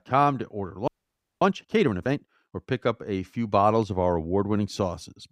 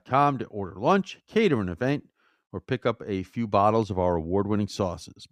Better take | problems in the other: second | audio freezing; at 1 s for 0.5 s

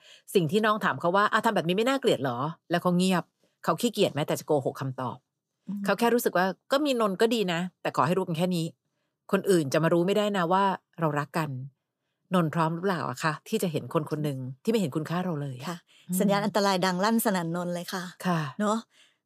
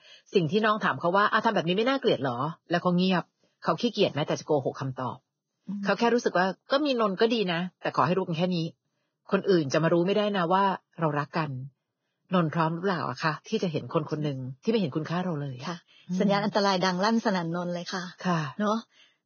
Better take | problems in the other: first | garbled, watery; badly; nothing above 6.5 kHz

